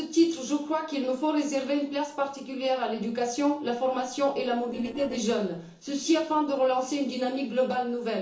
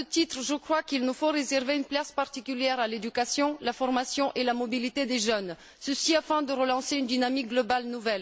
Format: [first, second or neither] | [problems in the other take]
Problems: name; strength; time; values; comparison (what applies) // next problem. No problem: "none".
second | noise reduction (neural separator model SepFormer DNS4)